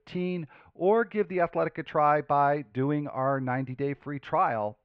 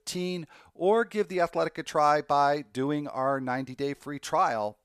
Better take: second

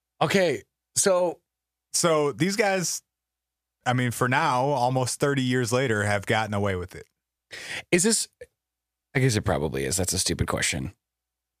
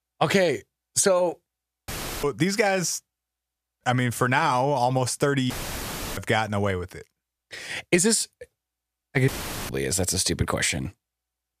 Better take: first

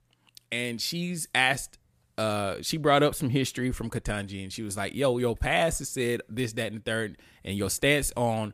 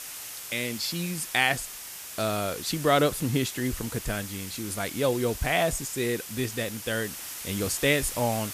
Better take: first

